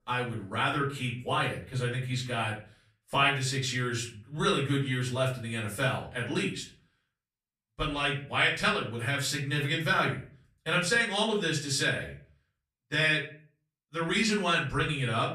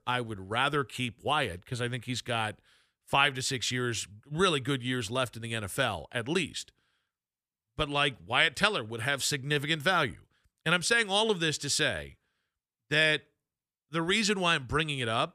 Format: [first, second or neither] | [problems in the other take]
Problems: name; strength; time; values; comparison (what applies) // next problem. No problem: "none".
second | off-mic speech; far // room echo; slight; dies away in 0.4 s